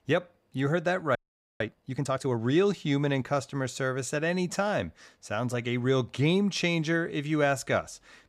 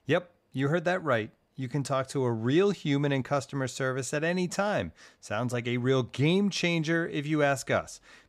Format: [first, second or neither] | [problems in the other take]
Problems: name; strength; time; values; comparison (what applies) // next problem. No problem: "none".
second | audio freezing; at 1 s